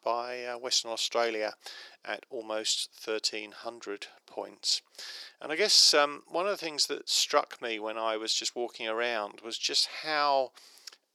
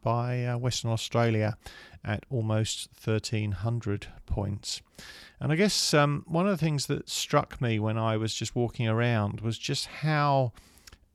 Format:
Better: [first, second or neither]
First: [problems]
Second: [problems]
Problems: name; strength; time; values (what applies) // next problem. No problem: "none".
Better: second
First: thin; very; fading below 350 Hz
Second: none